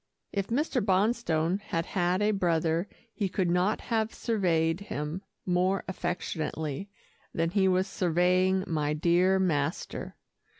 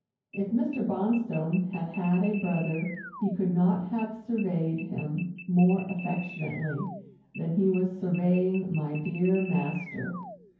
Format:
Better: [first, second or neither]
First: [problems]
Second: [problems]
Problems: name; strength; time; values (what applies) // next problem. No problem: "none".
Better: first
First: none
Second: background sound (Alarm); 17 dB below the speech // room echo; dies away in 0.9 s